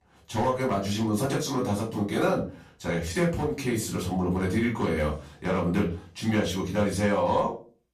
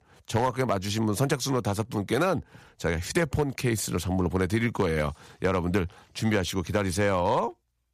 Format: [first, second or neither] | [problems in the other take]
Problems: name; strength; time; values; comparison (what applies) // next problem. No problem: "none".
second | room echo; slight; dies away in 0.3 s // off-mic speech; far